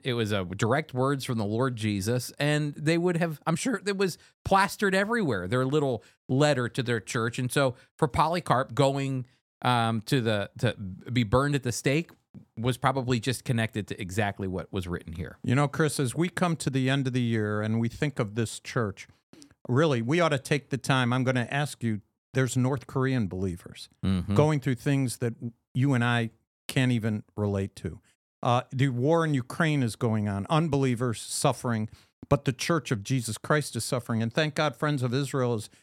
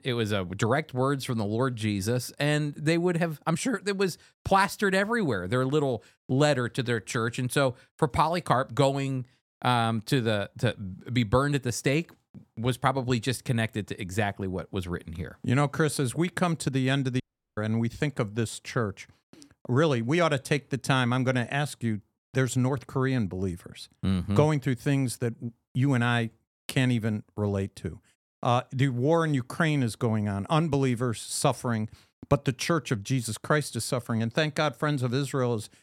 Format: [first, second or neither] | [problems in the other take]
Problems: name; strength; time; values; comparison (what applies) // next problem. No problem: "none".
first | audio cutting out; at 17 s